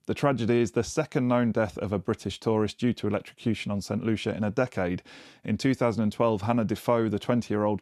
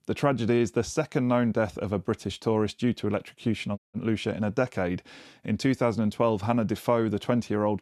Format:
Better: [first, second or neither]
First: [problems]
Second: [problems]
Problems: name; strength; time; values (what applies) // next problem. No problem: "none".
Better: first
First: none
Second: audio cutting out; at 4 s